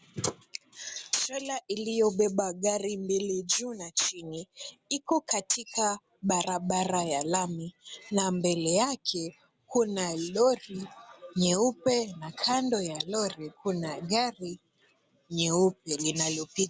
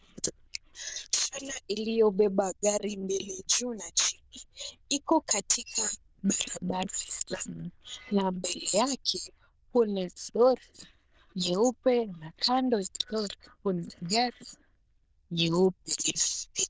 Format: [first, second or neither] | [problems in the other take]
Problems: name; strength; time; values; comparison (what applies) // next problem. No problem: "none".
first | noise reduction (neural diffusion model UNIVERSE++)